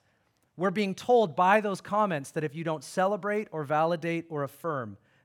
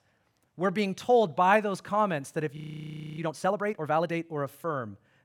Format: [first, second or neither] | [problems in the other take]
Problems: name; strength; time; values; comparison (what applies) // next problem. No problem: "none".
first | audio freezing; at 2.5 s for 0.5 s